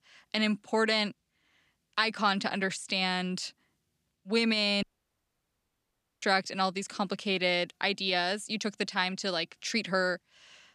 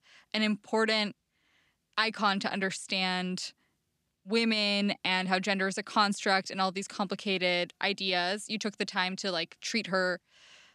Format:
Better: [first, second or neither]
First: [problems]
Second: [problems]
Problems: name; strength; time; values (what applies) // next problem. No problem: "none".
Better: second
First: audio cutting out; at 5 s for 1.5 s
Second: none